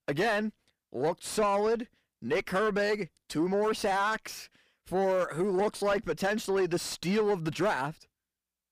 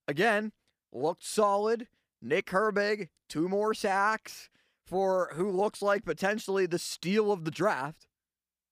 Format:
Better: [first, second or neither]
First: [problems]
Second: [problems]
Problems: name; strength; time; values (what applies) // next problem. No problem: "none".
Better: second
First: distortion; slight; 9 dB below the speech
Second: none